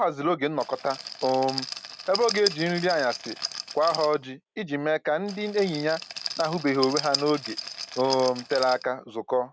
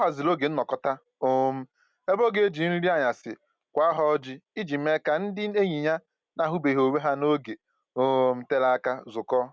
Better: second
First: background sound (Rattle); 9 dB below the speech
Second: none

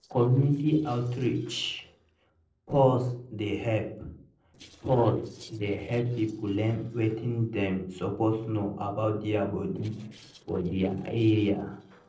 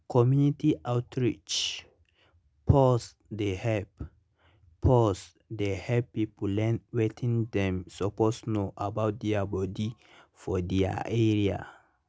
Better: second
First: noise reduction (neural separator model SepFormer DNS4)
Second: none

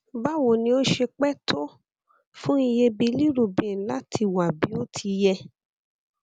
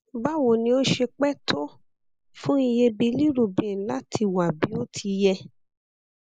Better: first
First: none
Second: noise reduction (neural mask model Resemble Enhance denoiser)

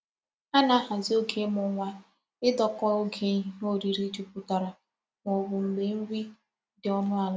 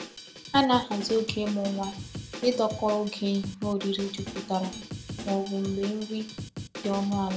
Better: first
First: none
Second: background sound (Drum kit); 10 dB below the speech

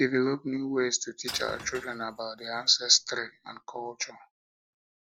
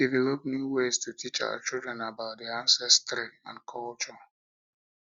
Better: second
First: background sound (Shatter / Crushing); 16 dB below the speech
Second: none

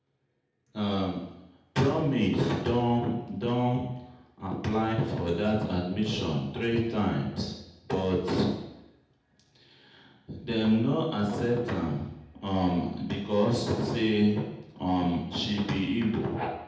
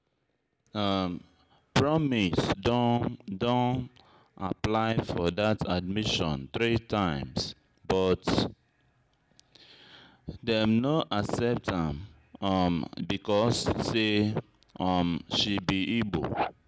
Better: second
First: room echo; dies away in 0.8 s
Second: none

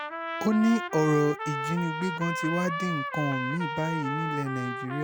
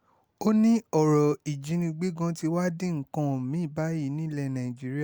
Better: second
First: background sound (Trumpet); 5 dB below the speech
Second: none

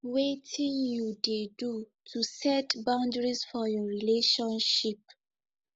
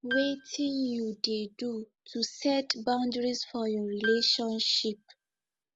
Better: first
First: none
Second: background sound (Piano); 10 dB below the speech

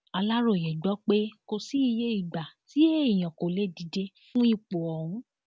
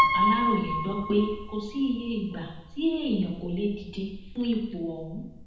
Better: first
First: none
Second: background sound (Piano); 2 dB below the speech // room echo; dies away in 0.9 s

